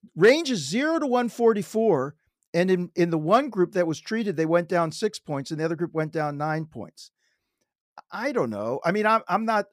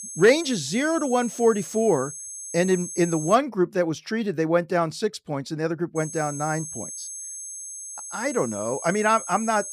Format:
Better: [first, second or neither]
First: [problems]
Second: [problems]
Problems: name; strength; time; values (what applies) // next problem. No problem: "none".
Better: first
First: none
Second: high-pitched whine; loud; until 3.5 s and from 6 s on; 6.5 kHz, 10 dB below the speech